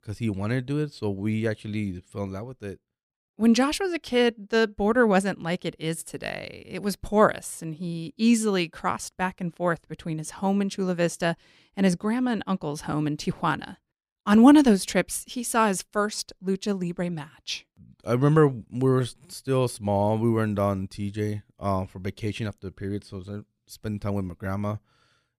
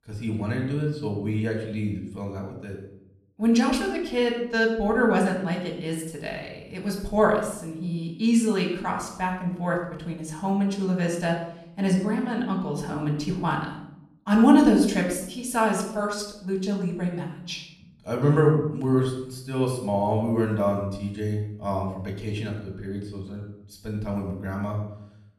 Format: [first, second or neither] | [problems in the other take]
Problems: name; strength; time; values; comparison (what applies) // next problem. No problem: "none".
first | off-mic speech; somewhat distant // room echo; noticeable; dies away in 0.7 s